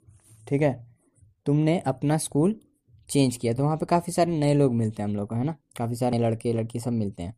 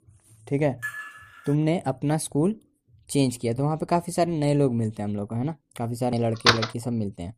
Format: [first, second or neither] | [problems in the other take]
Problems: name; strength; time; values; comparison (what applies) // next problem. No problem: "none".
first | clattering dishes; noticeable; at 1 s; peak 7 dB below the speech // door banging; loud; at 6.5 s; peak 5 dB above the speech